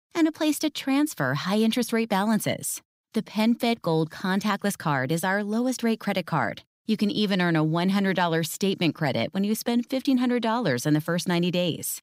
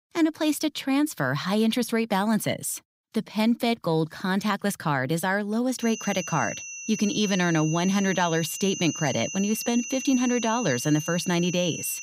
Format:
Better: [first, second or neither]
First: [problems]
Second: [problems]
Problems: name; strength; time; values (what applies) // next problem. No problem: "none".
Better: first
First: none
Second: high-pitched whine; loud; from 6 s on; 6 kHz, 8 dB below the speech